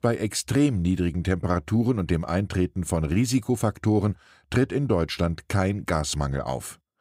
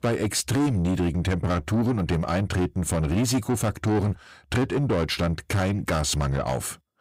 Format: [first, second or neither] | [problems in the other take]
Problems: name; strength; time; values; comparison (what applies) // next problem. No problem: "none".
first | distortion; heavy; 8 dB below the speech